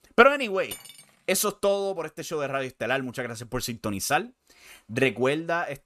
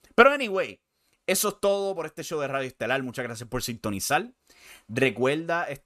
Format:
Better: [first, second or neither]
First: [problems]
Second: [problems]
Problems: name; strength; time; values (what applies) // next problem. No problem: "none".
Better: second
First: clattering dishes; faint; at 0.5 s; peak 15 dB below the speech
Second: none